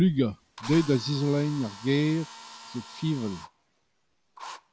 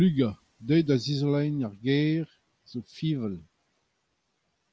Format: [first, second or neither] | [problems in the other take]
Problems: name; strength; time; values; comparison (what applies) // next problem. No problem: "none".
second | background sound (Drill); 17 dB below the speech